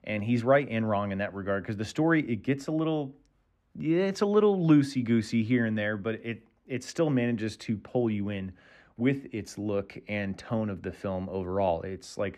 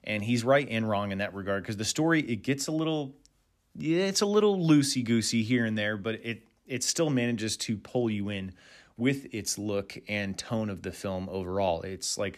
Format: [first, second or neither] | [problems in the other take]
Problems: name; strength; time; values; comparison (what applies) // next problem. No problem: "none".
second | muffled; slightly; fading above 3.5 kHz